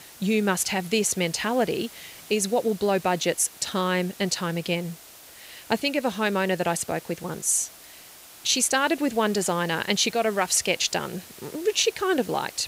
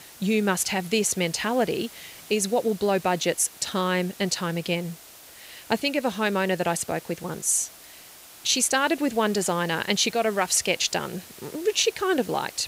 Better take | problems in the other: neither | hiss; noticeable; throughout; 20 dB below the speech; the same in both

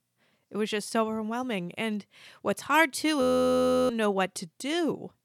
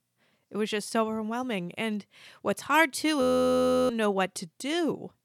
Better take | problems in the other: neither | audio freezing; at 3 s for 0.5 s; the same in both

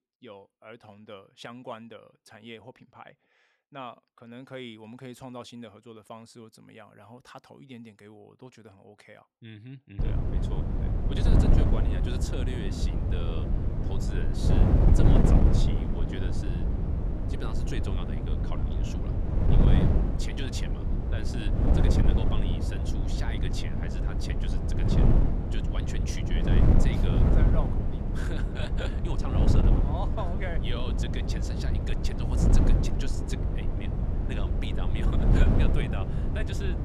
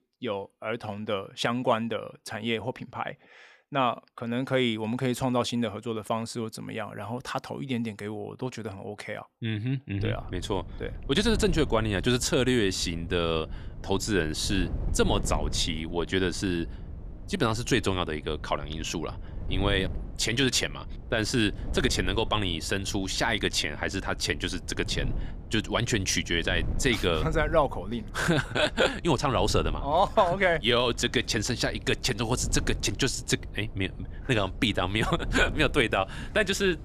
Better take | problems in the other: second | wind noise on the microphone; heavy; from 10 s on; 4 dB above the speech; occasional gusts in the second

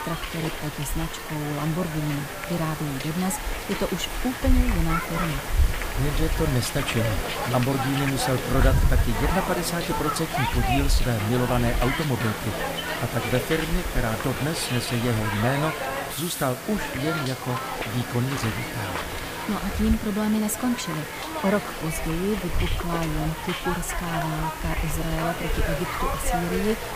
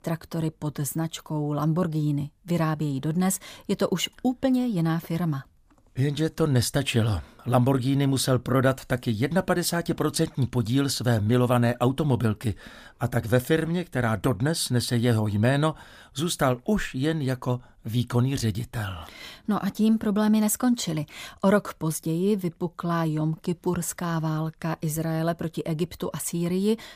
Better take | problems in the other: second | hiss; loud; throughout; 1 dB below the speech

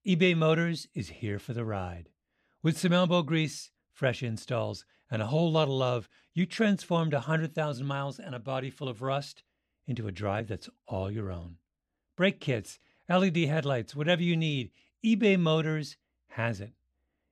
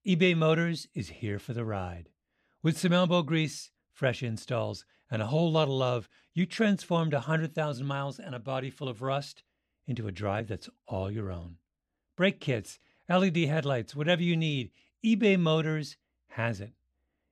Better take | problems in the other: neither | none

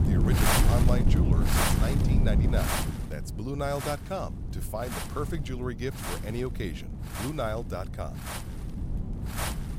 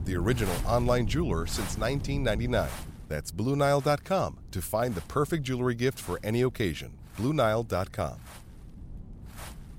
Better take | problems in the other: second | wind noise on the microphone; heavy; 3 dB above the speech; occasional gusts in the second

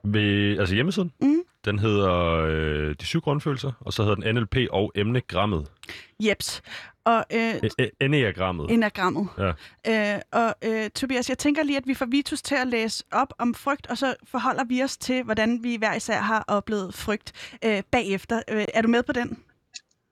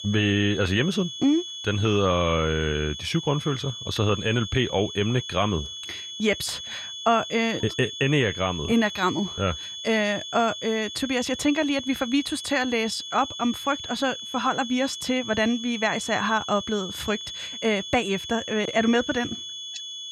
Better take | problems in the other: first | high-pitched whine; loud; throughout; 3.5 kHz, 8 dB below the speech

